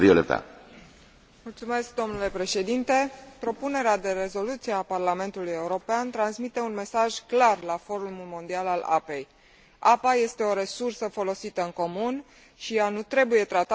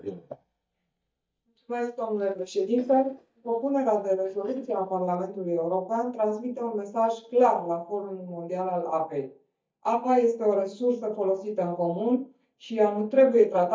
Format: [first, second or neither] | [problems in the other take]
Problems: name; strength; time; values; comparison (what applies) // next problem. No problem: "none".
first | noise reduction (neural mask model DeepFilterNet 3)